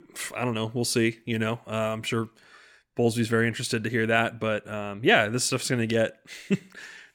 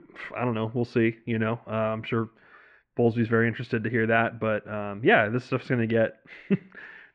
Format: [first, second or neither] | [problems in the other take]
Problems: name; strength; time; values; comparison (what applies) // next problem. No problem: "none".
first | muffled; very; fading above 2 kHz